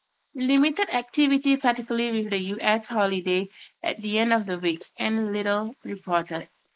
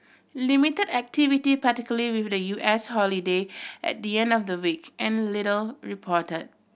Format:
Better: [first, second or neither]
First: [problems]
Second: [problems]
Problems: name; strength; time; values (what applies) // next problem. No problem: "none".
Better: second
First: noise reduction (neural mask model Resemble Enhance denoiser)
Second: none